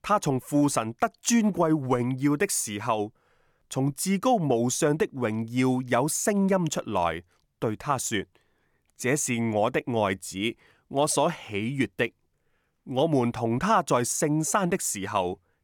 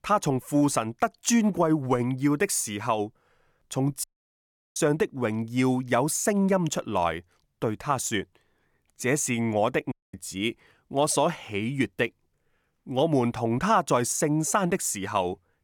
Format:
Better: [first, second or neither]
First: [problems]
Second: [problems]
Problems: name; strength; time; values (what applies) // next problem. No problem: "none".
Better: first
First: none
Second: audio cutting out; at 4 s for 0.5 s and at 10 s